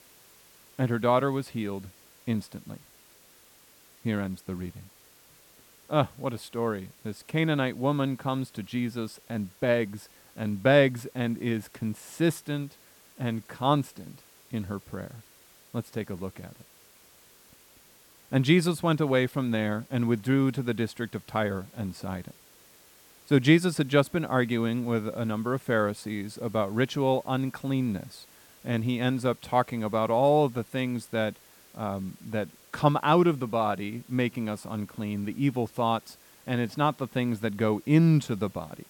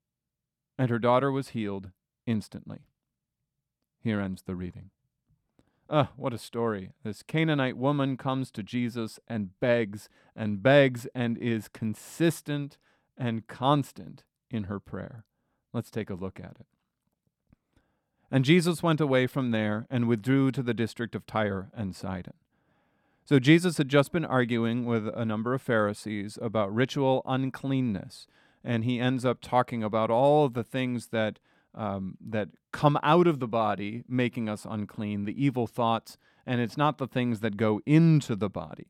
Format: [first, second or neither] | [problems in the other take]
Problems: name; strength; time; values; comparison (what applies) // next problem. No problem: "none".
second | hiss; faint; throughout; 25 dB below the speech